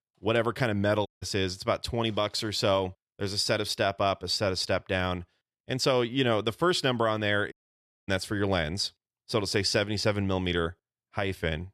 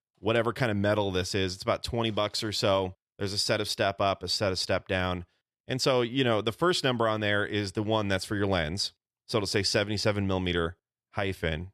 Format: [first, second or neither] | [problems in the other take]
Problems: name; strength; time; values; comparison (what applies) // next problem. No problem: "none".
second | audio cutting out; at 1 s and at 7.5 s for 0.5 s